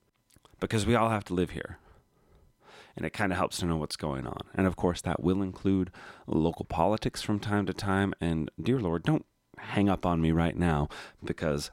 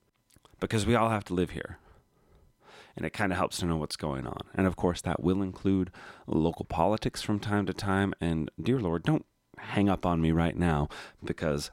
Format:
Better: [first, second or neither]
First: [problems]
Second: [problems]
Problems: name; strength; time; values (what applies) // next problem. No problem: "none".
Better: neither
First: none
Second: none